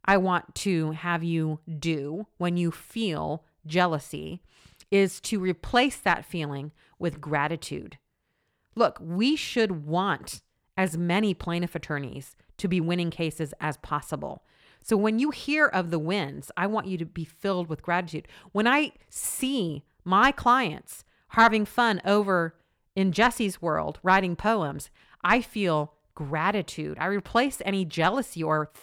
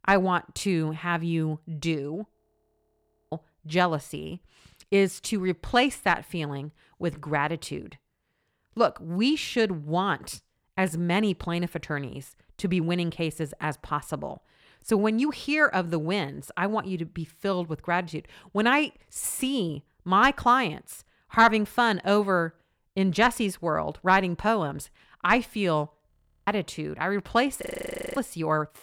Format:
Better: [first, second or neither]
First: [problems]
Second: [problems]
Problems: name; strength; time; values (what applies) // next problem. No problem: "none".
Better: first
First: none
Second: audio freezing; at 2.5 s for 1 s, at 26 s and at 28 s for 0.5 s